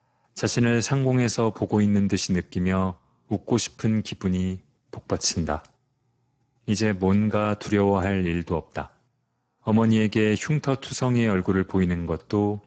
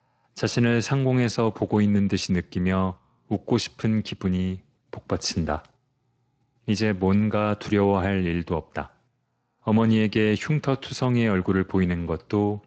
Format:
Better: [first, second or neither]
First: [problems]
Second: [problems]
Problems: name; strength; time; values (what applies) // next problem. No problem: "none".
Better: second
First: garbled, watery; badly; nothing above 7.5 kHz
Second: garbled, watery; slightly; nothing above 7.5 kHz